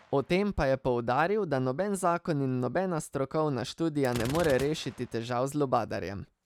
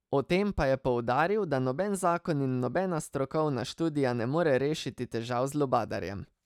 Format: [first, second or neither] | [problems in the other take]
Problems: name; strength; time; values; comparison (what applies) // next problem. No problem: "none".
second | background sound (Gunshot, gunfire); 19 dB below the speech